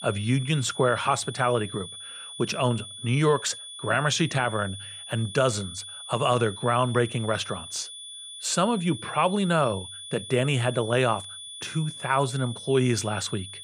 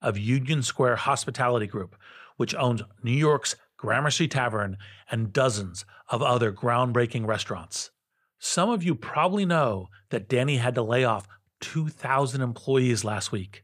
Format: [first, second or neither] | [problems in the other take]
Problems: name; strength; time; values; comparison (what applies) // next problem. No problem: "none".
second | high-pitched whine; noticeable; throughout; 3.5 kHz, 10 dB below the speech